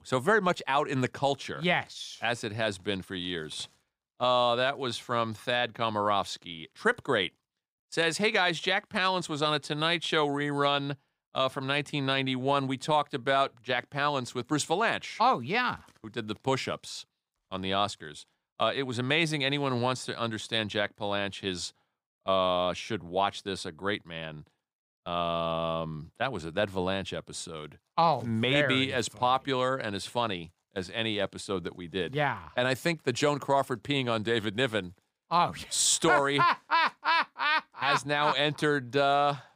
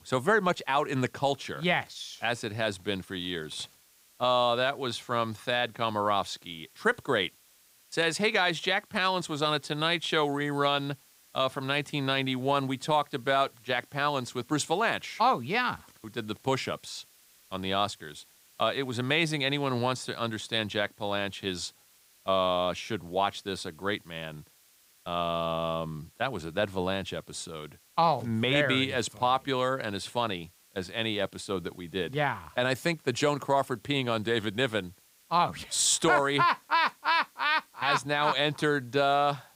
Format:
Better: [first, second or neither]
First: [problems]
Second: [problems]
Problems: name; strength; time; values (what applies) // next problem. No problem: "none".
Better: first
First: none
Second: hiss; faint; throughout; 30 dB below the speech